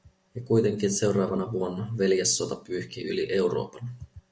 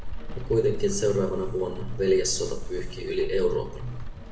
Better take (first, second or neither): first